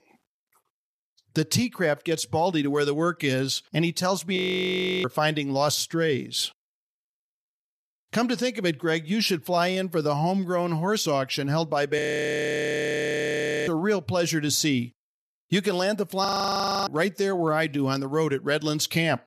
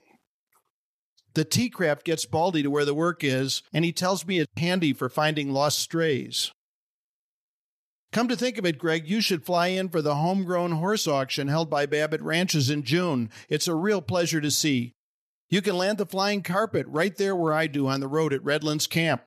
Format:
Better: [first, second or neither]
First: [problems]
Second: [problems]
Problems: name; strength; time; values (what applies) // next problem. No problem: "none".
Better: second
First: audio freezing; at 4.5 s for 0.5 s, at 12 s for 1.5 s and at 16 s for 0.5 s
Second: none